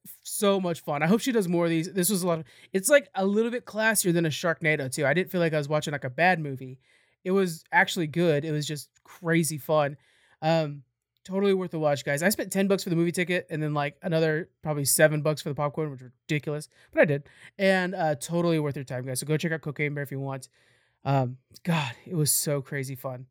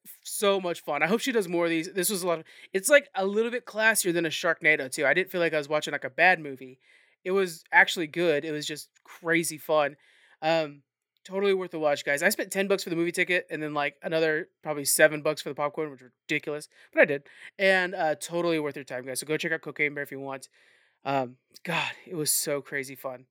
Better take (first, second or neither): first